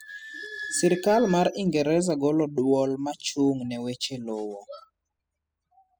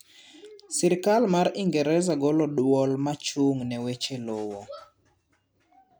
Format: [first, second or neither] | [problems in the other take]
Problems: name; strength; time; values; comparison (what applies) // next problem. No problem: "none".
second | noise reduction (classical method spectral subtraction)